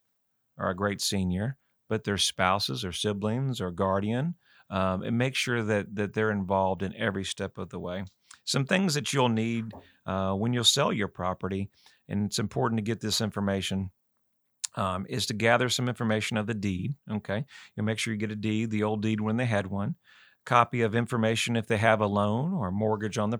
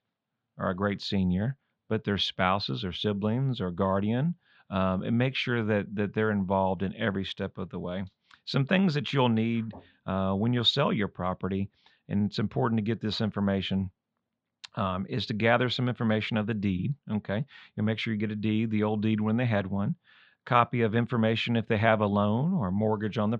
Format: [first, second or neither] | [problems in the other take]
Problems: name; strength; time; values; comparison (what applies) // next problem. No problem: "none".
first | muffled; slightly; fading above 3.5 kHz